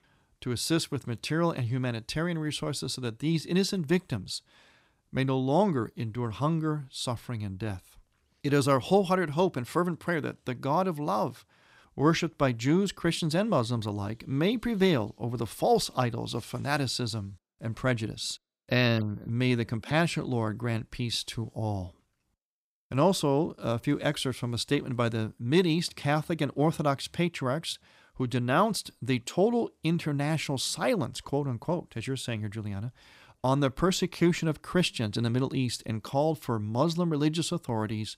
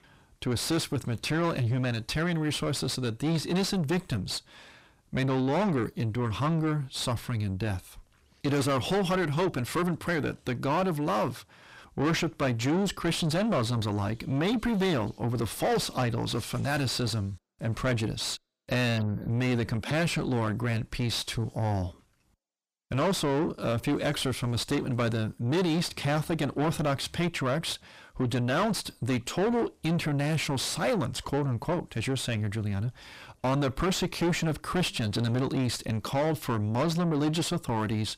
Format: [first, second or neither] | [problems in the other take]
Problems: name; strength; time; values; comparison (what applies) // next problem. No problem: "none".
first | distortion; heavy; 4 dB below the speech